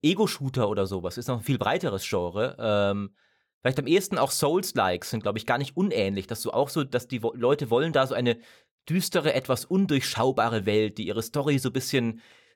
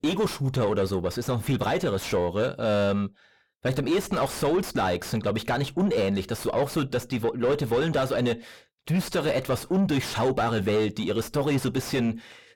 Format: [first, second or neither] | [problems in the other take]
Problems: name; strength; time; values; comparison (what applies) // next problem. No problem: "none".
first | distortion; heavy; 6 dB below the speech